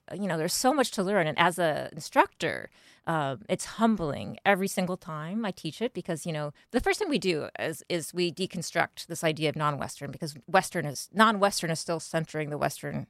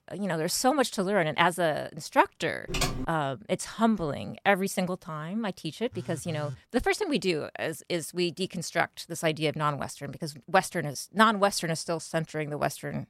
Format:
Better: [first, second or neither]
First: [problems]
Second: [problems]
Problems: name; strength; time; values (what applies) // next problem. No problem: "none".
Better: first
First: none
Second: keyboard typing; noticeable; at 2.5 s; peak 1 dB below the speech // phone ringing; faint; at 6 s; peak 10 dB below the speech